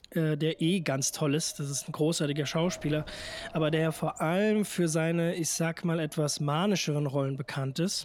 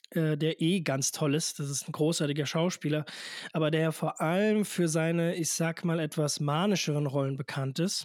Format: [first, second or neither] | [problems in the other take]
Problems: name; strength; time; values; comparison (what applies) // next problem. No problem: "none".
second | wind noise on the microphone; occasional gusts; 20 dB below the speech